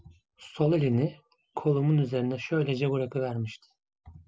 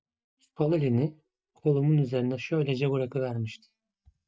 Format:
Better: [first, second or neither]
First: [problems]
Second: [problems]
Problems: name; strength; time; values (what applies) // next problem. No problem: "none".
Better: first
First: none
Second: noise reduction (neural mask model DeepFilterNet 3)